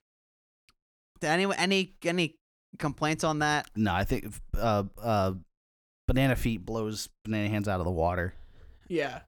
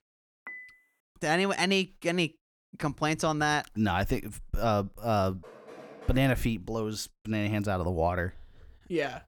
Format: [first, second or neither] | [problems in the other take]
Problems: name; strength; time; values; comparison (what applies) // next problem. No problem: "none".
first | clattering dishes; faint; at 0.5 s; peak 15 dB below the speech // door banging; faint; at 5.5 s; peak 15 dB below the speech